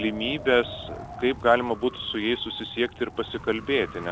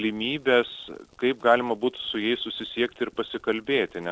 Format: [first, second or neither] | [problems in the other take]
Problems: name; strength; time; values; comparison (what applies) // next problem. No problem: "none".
second | background sound (Wind); 14 dB below the speech